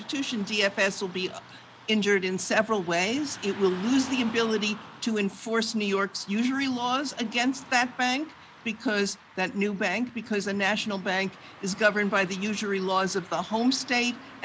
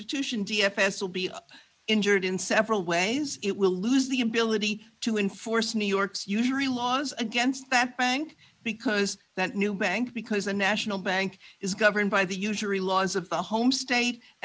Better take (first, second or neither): second